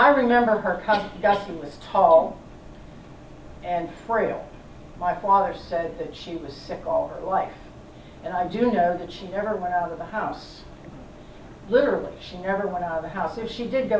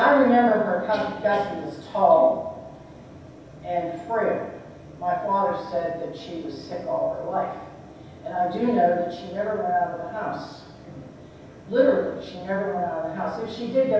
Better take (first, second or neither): first